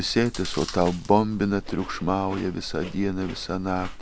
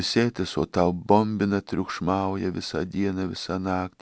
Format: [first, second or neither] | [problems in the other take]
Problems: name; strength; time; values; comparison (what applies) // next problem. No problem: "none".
second | background sound (Chewing, mastication); 11 dB below the speech